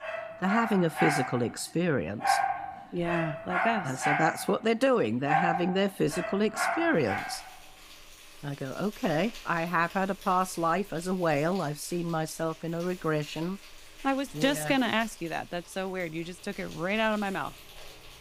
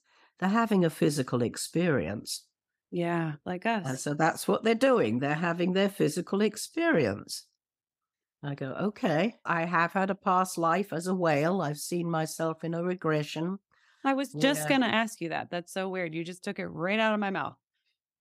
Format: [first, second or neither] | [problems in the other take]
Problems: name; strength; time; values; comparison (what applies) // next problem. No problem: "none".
second | animal sounds; loud; throughout; 3 dB below the speech